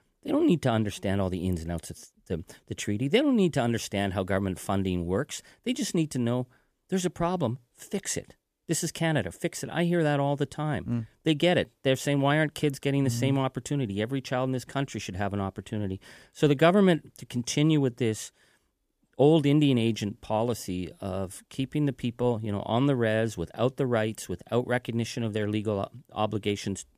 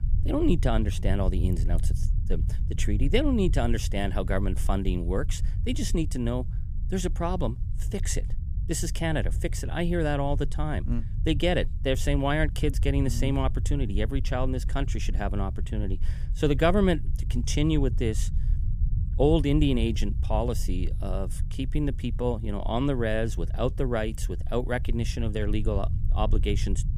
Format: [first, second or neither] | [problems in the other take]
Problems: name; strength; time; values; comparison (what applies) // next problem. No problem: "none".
first | low rumble; noticeable; throughout; 15 dB below the speech